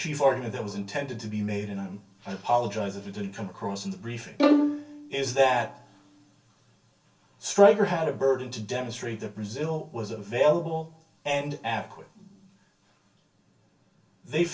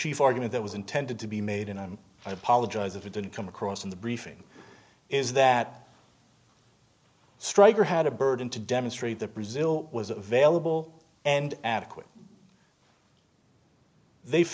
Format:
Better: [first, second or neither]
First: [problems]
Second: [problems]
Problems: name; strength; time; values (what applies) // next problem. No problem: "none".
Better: second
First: background sound (Bowed string instrument); 1 dB above the speech // room echo; dies away in 0.2 s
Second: none